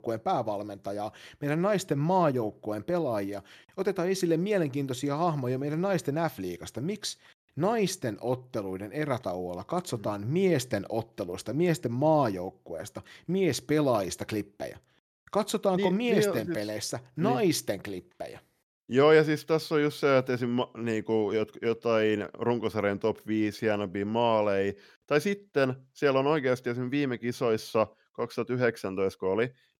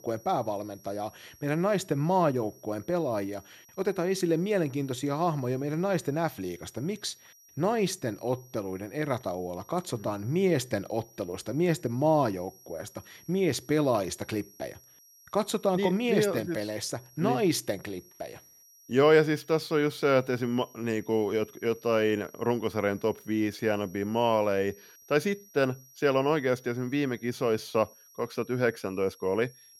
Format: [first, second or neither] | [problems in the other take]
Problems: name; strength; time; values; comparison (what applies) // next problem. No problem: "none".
first | high-pitched whine; faint; throughout; 5.5 kHz, 25 dB below the speech